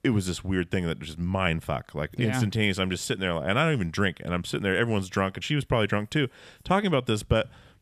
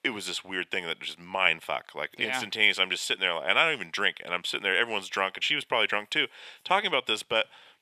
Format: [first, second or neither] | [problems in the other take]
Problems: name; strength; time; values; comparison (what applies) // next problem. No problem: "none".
first | thin; very; fading below 450 Hz